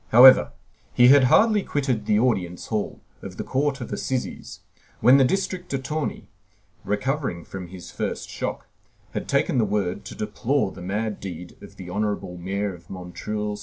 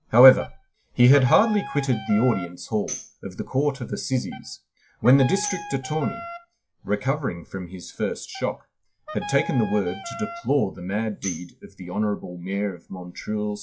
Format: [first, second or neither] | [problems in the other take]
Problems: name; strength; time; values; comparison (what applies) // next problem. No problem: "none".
first | noise reduction (classical method log-MMSE)